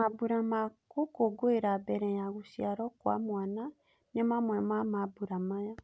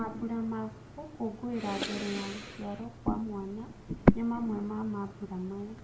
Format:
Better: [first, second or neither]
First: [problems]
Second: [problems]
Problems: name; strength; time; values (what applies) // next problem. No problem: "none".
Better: first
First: none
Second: background sound (Breathing); 1 dB above the speech // room echo; dies away in 0.6 s